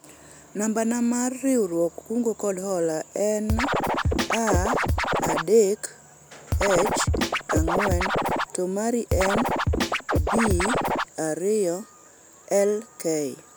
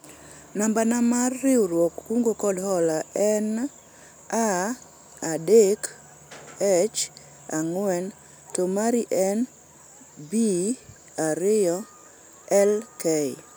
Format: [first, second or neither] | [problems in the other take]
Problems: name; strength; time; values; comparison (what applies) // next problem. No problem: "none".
second | background sound (Scratching (performance technique)); 2 dB above the speech